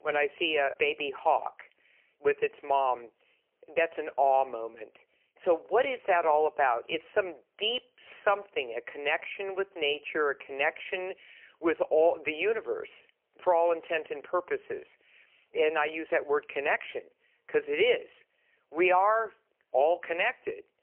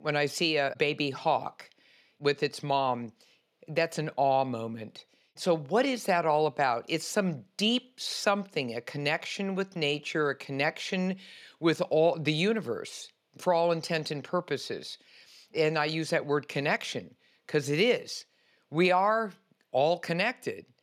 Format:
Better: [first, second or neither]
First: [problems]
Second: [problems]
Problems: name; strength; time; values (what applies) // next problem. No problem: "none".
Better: second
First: phone-call audio; poor line; nothing above 3 kHz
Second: none